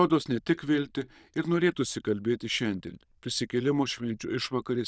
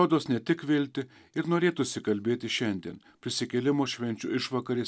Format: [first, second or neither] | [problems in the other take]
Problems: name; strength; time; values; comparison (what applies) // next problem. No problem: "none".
second | noise reduction (neural diffusion model UNIVERSE++)